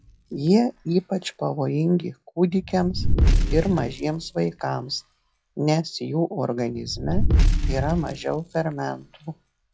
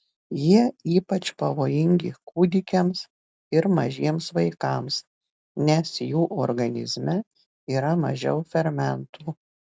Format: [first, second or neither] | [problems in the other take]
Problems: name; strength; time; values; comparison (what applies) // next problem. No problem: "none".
second | noise reduction (classical method log-MMSE)